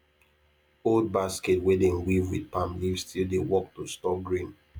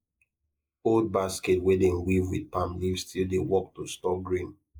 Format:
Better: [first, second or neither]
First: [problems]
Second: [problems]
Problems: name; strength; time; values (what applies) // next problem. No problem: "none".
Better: first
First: none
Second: noise reduction (neural mask model Resemble Enhance denoiser)